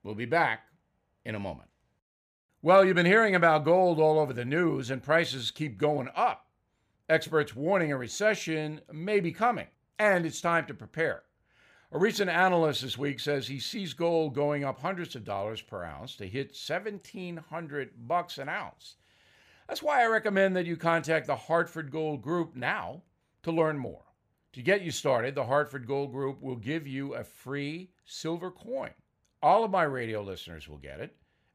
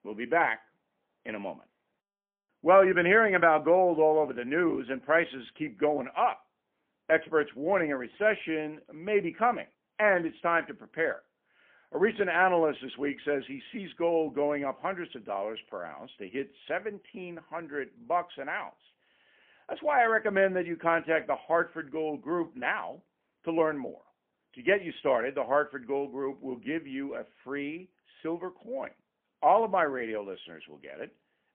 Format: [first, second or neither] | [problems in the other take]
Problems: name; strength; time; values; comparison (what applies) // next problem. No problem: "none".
first | phone-call audio; poor line; nothing above 3.5 kHz